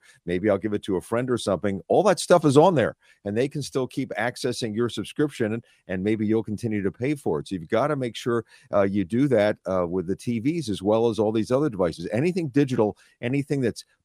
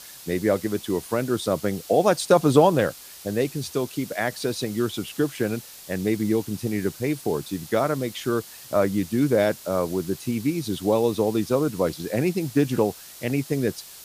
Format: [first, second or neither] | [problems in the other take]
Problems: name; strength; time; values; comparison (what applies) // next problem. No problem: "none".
first | hiss; noticeable; throughout; 15 dB below the speech